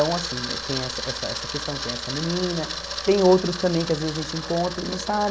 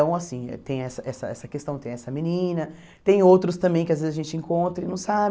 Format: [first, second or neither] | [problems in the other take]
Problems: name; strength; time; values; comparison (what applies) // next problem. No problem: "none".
second | background sound (Camera); 7 dB below the speech